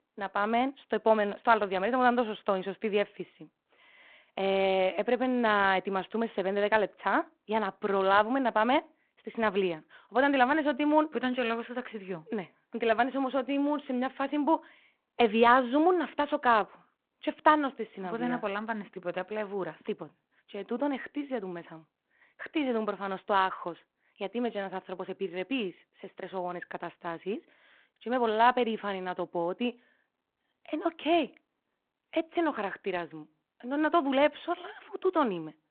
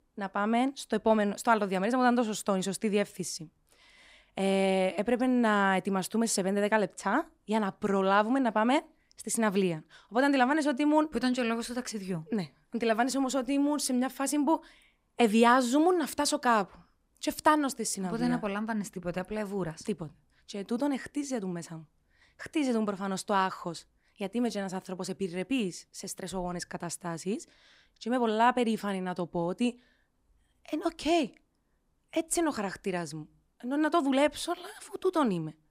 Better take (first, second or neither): second